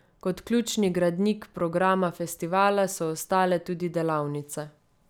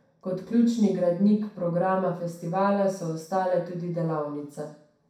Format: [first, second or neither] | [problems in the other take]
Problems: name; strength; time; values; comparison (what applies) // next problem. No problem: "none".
first | room echo; dies away in 0.6 s